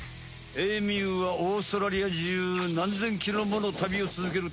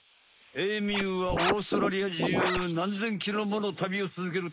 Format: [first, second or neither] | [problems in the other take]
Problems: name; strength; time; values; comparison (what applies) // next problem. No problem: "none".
first | noise reduction (neural mask model Resemble Enhance denoiser)